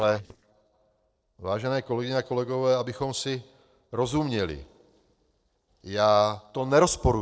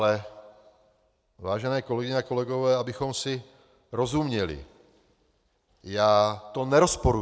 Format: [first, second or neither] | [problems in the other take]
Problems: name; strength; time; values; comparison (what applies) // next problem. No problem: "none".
second | noise reduction (neural separator model SepFormer DNS4)